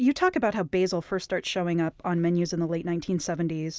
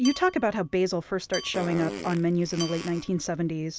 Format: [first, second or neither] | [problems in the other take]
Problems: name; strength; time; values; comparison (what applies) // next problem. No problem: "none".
first | background sound (Dishes, pots, and pans / Glass / Bell + Fart); 13 dB below the speech